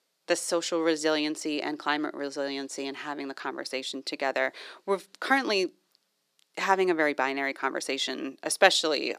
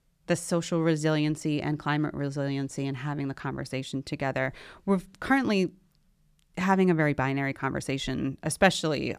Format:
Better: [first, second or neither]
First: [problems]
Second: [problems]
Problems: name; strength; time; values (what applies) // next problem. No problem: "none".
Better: second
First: thin; somewhat; fading below 350 Hz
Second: none